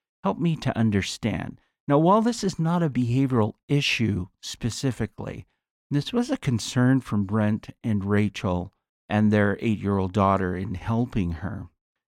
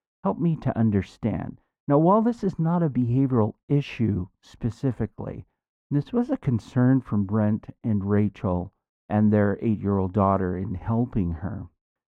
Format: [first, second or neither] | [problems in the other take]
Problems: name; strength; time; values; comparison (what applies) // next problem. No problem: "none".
first | muffled; very; fading above 2 kHz